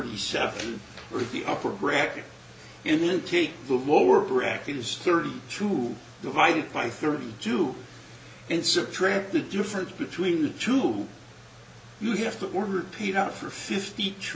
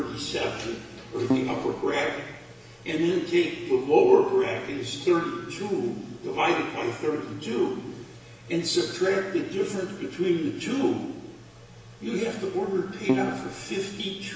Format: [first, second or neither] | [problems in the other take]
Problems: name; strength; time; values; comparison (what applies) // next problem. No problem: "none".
first | background sound (Keyboard (musical)); 1 dB below the speech // room echo; dies away in 1.1 s